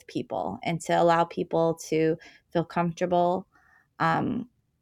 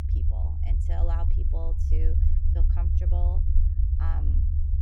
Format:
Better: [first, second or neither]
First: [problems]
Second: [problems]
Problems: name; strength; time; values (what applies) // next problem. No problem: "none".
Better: first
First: none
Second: low rumble; loud; throughout; as loud as the speech